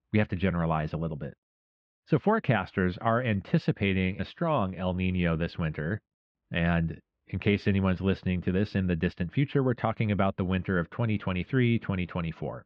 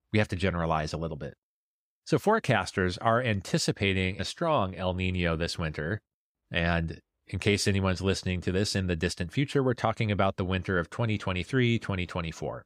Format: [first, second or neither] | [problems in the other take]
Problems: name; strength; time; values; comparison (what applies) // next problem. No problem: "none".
second | muffled; very; fading above 3 kHz